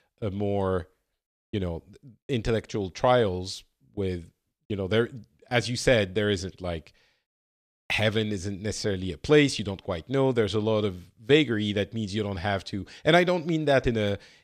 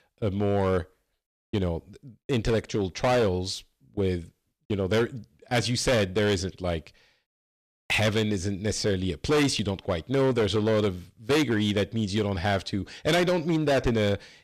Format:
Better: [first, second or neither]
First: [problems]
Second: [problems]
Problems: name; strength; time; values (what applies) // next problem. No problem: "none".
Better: first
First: none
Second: distortion; heavy; 9% of the sound clipped